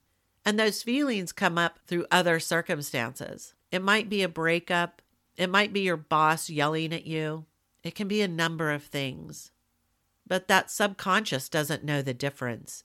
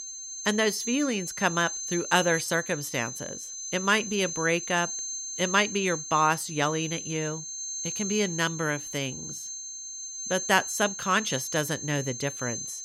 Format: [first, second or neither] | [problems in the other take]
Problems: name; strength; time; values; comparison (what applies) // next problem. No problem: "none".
first | high-pitched whine; loud; throughout; 6.5 kHz, 6 dB below the speech